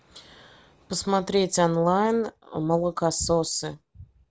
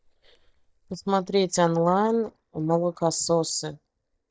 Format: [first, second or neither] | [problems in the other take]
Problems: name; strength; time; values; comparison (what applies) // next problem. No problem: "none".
first | noise reduction (neural mask model DeepFilterNet 3)